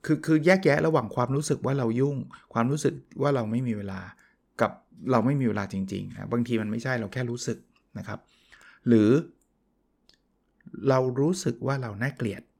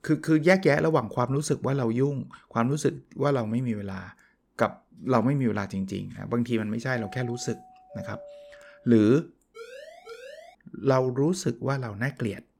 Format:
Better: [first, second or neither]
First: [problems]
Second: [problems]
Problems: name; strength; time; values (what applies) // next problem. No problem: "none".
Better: first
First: none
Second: doorbell; faint; from 7 to 9 s; peak 15 dB below the speech // siren; faint; at 9.5 s; peak 15 dB below the speech